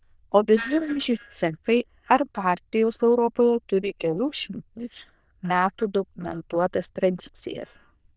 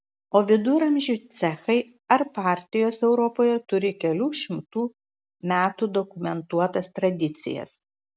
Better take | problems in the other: second | noise reduction (neural diffusion model UNIVERSE++)

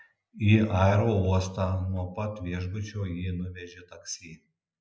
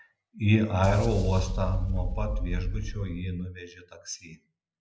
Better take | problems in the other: first | background sound (Boom); 2 dB below the speech

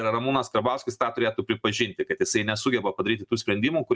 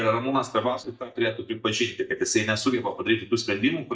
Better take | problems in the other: first | noise reduction (neural mask model DeepFilterNet 3)

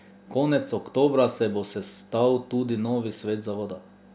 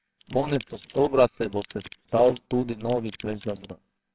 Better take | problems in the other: first | noise reduction (neural separator model SepFormer WHAMR!)

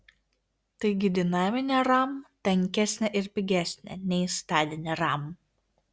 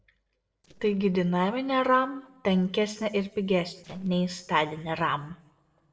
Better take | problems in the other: first | noise reduction (neural separator model SepFormer DNS4)

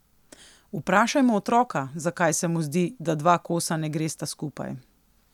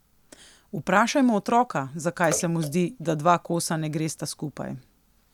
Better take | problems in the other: first | background sound (Bathtub (filling or washing) / Water / Splash, splatter); 17 dB below the speech

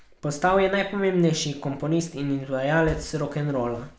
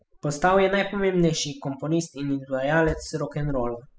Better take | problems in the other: first | noise reduction (classical method spectral subtraction)

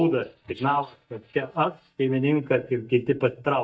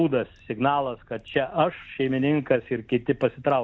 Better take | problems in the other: second | noise reduction (neural mask model DeepFilterNet 3)

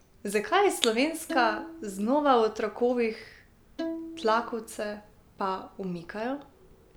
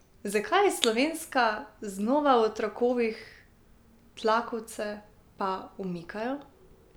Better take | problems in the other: second | background sound (Bowed string instrument); 10 dB below the speech

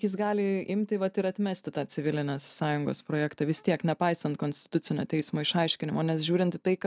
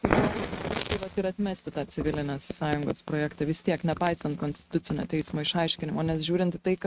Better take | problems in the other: first | noise reduction (neural mask model RNNoise)

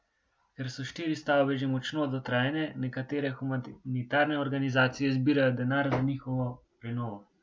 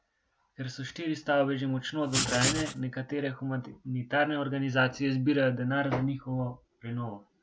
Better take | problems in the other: first | background sound (Writing); as loud as the speech

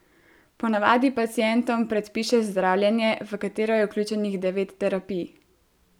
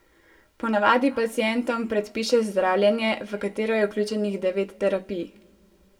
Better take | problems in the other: first | room echo; dies away in 0.9 s

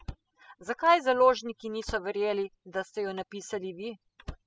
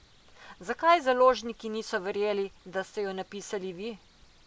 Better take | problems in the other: second | noise reduction (classical method spectral subtraction)

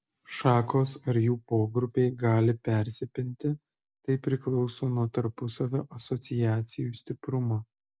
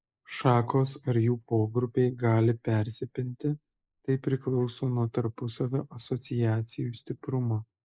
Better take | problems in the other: first | noise reduction (neural mask model Resemble Enhance denoiser)

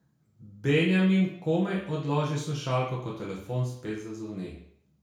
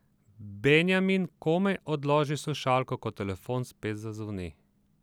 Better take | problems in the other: second | room echo; dies away in 0.5 s

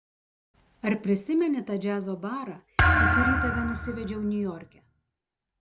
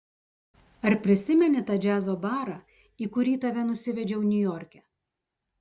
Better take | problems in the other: second | background sound (Thump, thud); 4 dB above the speech

